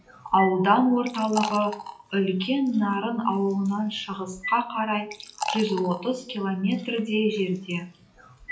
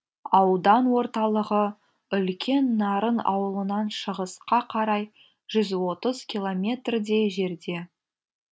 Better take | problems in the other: second | noise reduction (classical method WPE with log-MMSE)

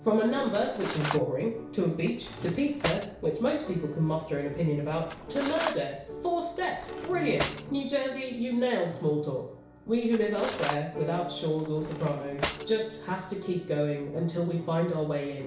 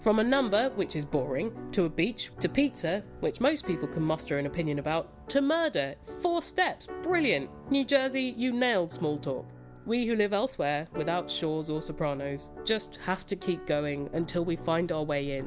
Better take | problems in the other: second | background sound (Cutlery, silverware); 11 dB below the speech // room echo; dies away in 0.6 s

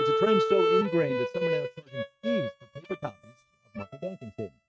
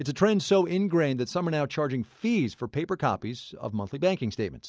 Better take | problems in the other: second | noise reduction (neural mask model RNNoise)

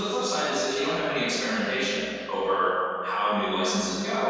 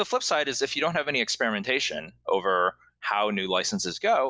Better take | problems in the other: second | room echo; dies away in 2.1 s

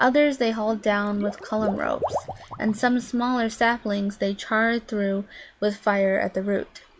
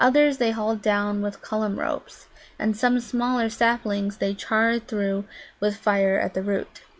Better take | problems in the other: second | background sound (Water / Liquid); 11 dB below the speech

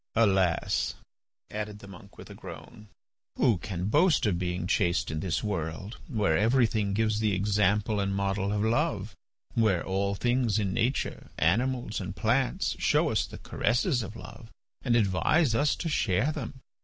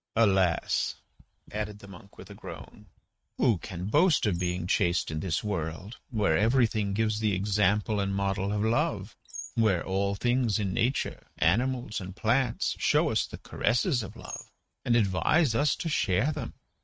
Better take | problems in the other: first | noise reduction (neural mask model RNNoise)

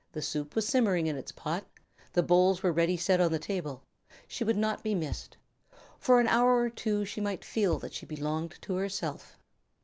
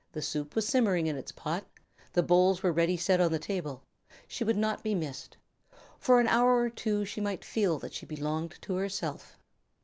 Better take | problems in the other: second | background sound (Bass drum); 17 dB below the speech

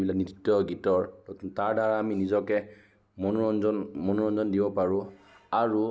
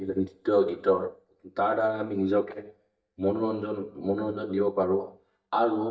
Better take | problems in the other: first | noise reduction (neural mask model DeepFilterNet 3)

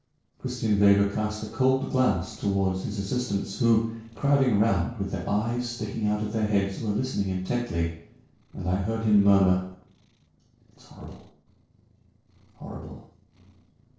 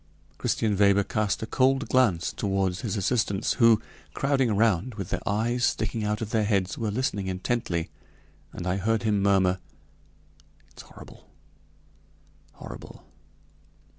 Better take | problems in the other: second | noise reduction (neural separator model SepFormer DNS4)

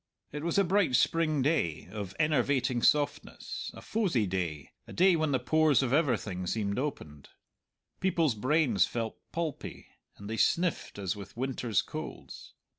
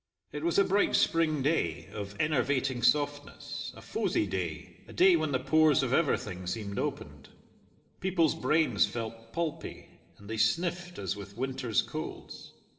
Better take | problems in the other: first | room echo; dies away in 2.2 s

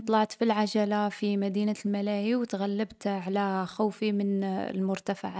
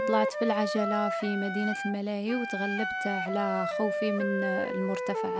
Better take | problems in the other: first | background sound (Wind instrument, woodwind instrument); 1 dB below the speech

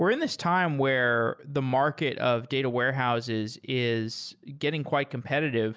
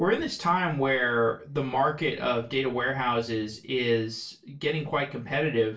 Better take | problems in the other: first | noise reduction (neural separator model SepFormer DNS4)

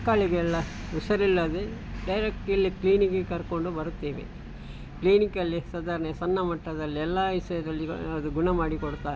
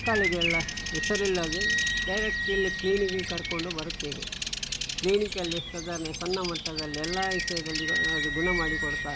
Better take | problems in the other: first | background sound (Bird vocalization, bird call, bird song + Wind instrument, woodwind instrument); as loud as the speech

